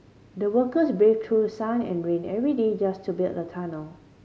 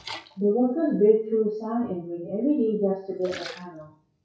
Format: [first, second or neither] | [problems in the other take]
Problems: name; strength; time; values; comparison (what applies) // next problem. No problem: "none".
first | noise reduction (classical method WPE with log-MMSE)